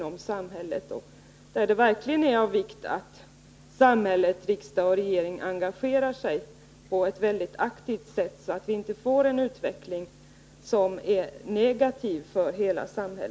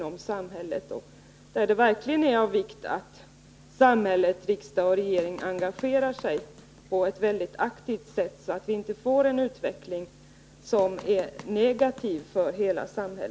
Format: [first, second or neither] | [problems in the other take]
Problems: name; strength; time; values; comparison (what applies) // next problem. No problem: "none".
first | background sound (Run); 20 dB below the speech